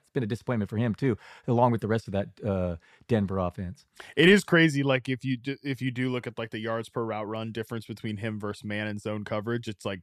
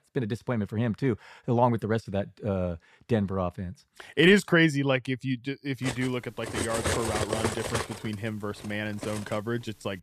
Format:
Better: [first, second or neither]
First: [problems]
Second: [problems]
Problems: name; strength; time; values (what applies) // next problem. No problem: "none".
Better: first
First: none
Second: clattering dishes; noticeable; from 6 to 9.5 s; peak 1 dB below the speech